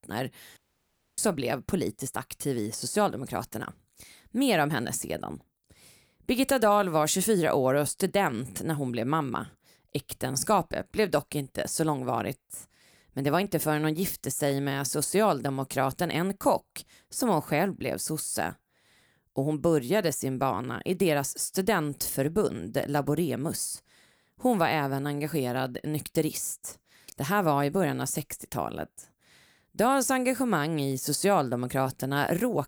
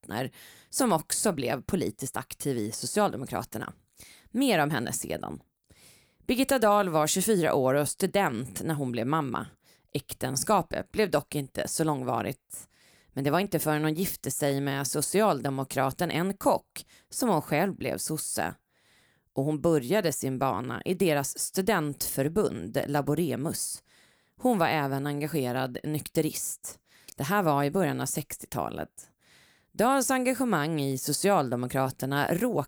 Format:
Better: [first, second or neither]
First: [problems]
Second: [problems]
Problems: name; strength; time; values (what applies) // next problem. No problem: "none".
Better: second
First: audio cutting out; at 0.5 s for 0.5 s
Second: none